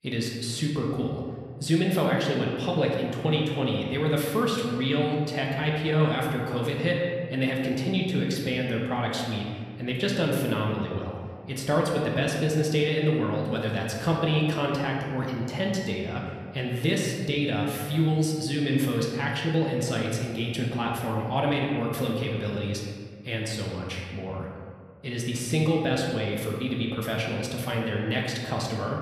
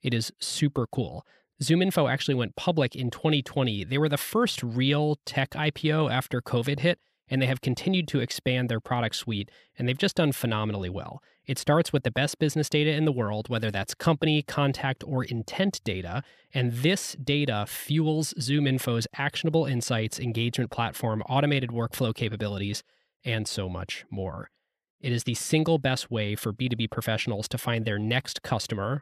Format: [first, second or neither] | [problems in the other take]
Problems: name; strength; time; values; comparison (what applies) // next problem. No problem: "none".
second | room echo; noticeable; dies away in 1.6 s // off-mic speech; somewhat distant